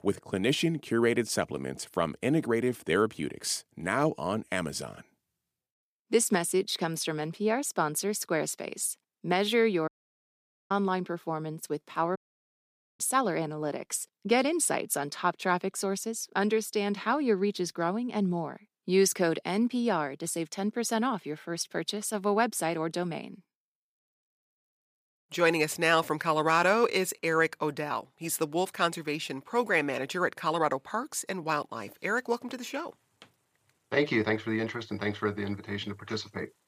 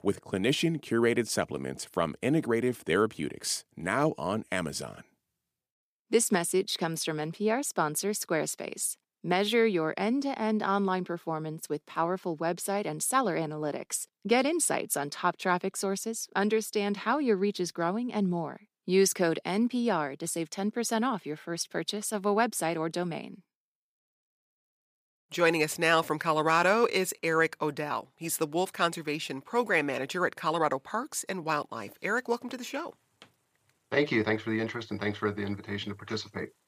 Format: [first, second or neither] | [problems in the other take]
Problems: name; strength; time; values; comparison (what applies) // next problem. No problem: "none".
second | audio cutting out; at 10 s for 1 s and at 12 s for 1 s